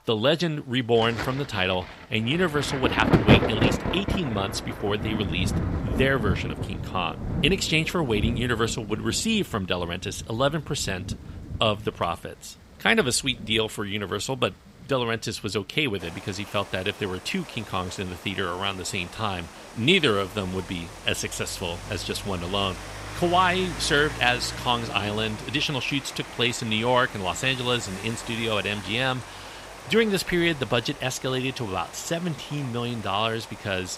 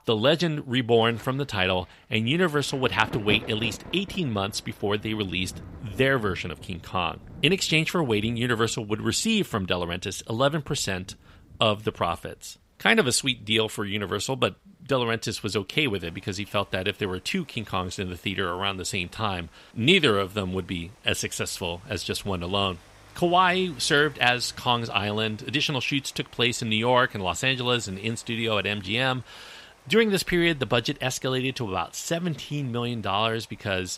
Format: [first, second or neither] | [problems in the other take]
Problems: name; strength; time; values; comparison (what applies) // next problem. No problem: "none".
second | rain or running water; loud; throughout; 7 dB below the speech; faint in the second